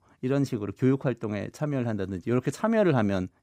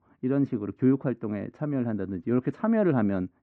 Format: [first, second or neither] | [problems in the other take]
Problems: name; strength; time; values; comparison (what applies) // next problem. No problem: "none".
first | muffled; very; fading above 1.5 kHz